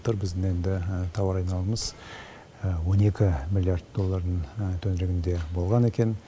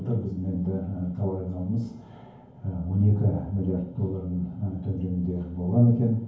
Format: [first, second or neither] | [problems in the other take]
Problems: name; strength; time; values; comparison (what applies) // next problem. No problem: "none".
first | room echo; dies away in 0.9 s